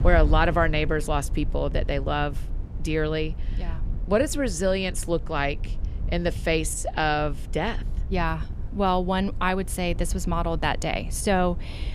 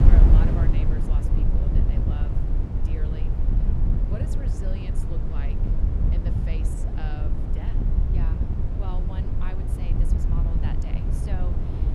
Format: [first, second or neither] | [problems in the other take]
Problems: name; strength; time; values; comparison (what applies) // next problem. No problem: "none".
first | wind noise on the microphone; heavy; 4 dB above the speech; occasional gusts in the first